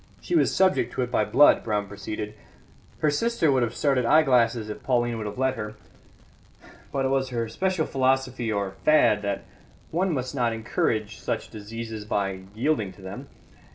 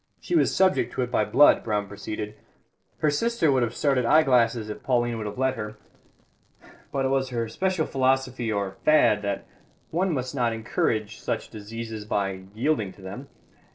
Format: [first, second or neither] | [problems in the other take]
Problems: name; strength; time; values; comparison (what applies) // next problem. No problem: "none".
first | noise reduction (neural separator model SepFormer DNS4)